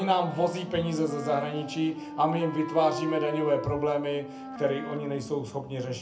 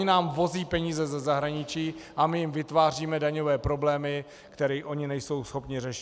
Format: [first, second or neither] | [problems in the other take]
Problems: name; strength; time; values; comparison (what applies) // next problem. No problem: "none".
second | background sound (Wind instrument, woodwind instrument); 10 dB below the speech // room echo; dies away in 0.3 s